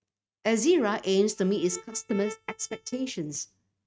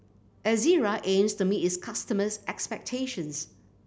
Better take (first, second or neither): second